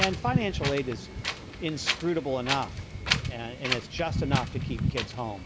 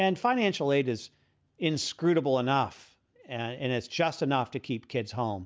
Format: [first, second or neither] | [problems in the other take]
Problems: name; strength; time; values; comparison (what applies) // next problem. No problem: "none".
second | background sound (Wind); 1 dB above the speech